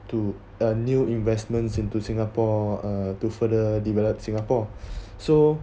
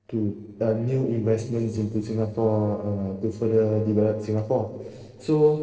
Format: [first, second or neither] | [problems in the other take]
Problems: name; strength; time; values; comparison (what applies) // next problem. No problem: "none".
first | noise reduction (neural separator model SepFormer DNS4)